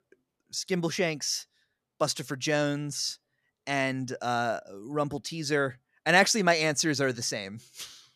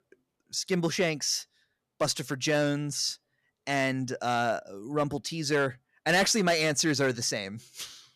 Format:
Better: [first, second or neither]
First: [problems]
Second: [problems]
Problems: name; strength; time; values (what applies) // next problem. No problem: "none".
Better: first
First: none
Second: distortion; slight; 3% of the sound clipped